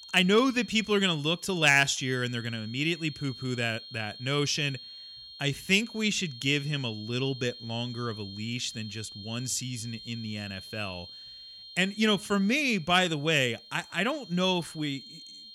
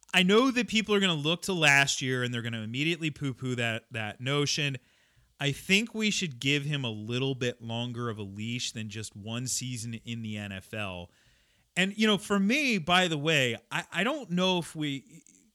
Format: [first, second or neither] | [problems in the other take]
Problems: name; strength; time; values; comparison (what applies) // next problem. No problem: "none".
second | high-pitched whine; noticeable; throughout; 4.5 kHz, 15 dB below the speech